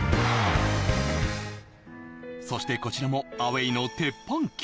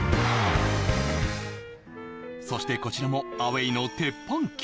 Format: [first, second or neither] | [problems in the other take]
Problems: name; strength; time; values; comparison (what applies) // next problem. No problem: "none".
first | background sound (Wind instrument, woodwind instrument); 14 dB below the speech